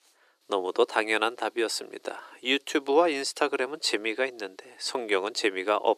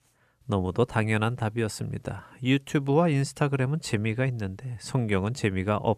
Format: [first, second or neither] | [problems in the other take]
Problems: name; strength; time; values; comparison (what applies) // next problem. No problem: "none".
second | thin; very; fading below 350 Hz